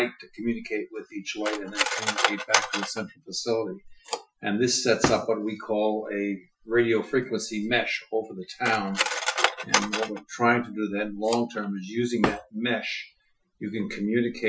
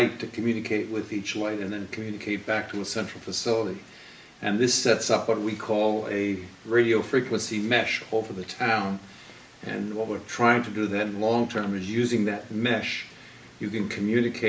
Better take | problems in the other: second | noise reduction (classical method Wiener filter)

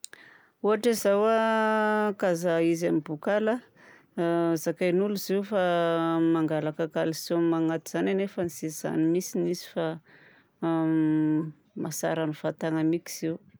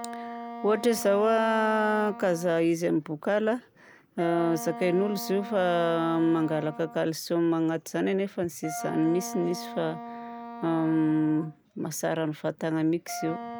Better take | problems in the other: first | background sound (Wind instrument, woodwind instrument); 13 dB below the speech

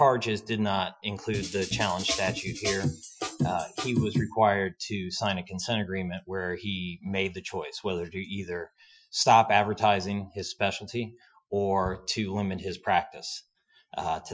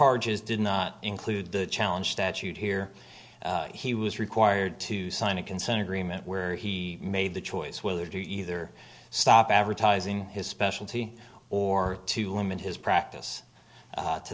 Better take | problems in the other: second | noise reduction (classical method Wiener filter)

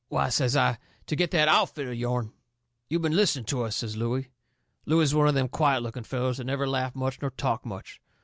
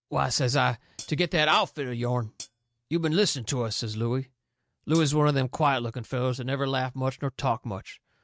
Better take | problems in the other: first | noise reduction (neural mask model RNNoise)

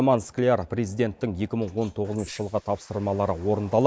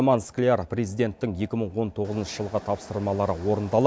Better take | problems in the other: second | noise reduction (neural mask model Resemble Enhance denoiser)

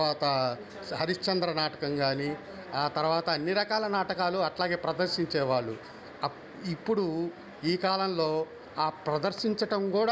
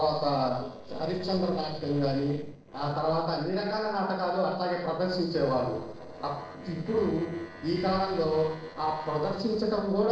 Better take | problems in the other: first | noise reduction (neural separator model SepFormer DNS4)

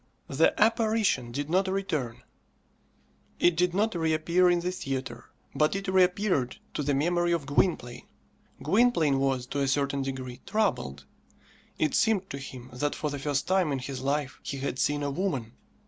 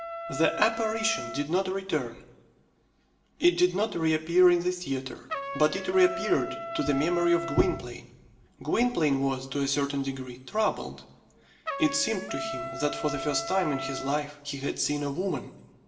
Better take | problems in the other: first | background sound (Trumpet); 11 dB below the speech // room echo; dies away in 0.8 s

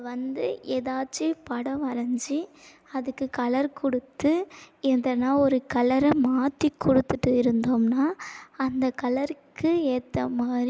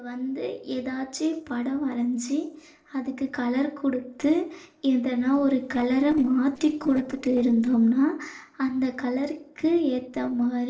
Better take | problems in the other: first | noise reduction (neural separator model SepFormer DNS4)

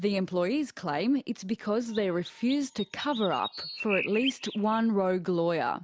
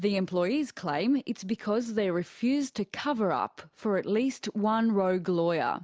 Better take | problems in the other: second | background sound (Chirp, tweet); 10 dB below the speech

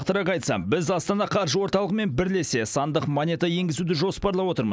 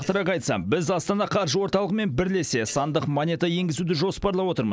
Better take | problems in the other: first | noise reduction (neural separator model SepFormer DNS4)

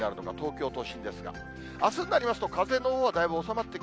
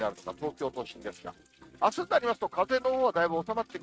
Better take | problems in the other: first | noise reduction (neural mask model RNNoise)

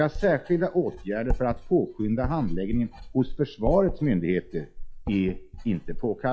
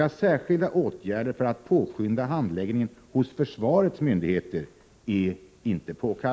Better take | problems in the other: second | noise reduction (classical method log-MMSE)

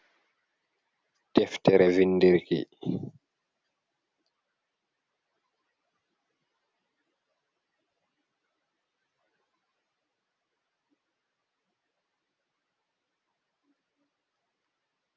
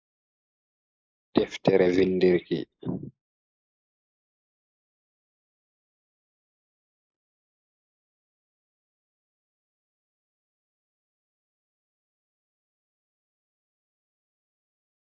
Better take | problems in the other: first | noise reduction (neural mask model Resemble Enhance denoiser)

